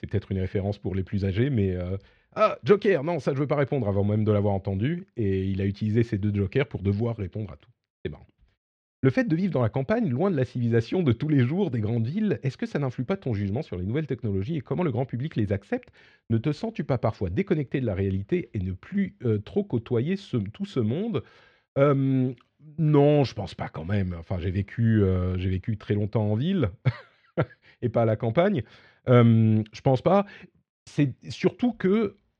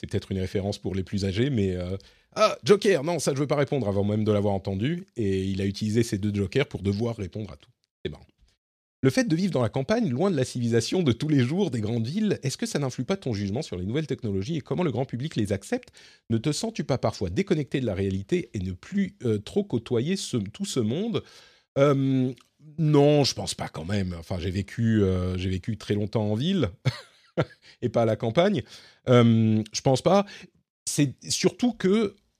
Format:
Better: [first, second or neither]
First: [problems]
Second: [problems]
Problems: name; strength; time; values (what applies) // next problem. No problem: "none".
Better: second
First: muffled; slightly; fading above 2 kHz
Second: none